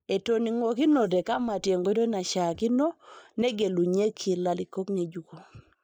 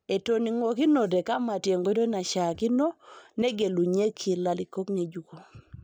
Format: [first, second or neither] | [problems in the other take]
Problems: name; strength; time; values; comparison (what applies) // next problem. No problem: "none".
second | noise reduction (neural mask model Resemble Enhance denoiser)